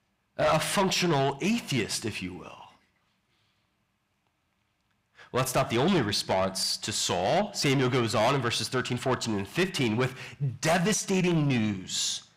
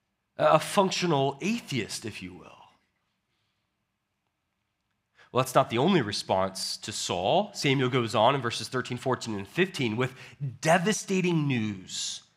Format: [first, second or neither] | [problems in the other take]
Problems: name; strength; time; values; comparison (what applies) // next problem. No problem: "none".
second | distortion; heavy; 7 dB below the speech